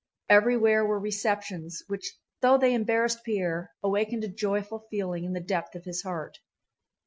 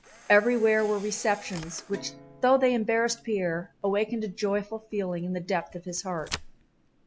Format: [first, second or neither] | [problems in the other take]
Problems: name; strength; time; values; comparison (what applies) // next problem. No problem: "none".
first | background sound (Guitar + Camera); 19 dB below the speech